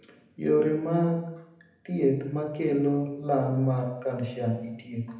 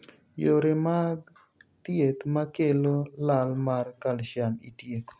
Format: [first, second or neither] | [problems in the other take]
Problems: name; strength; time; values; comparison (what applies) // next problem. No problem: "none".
second | room echo; dies away in 0.8 s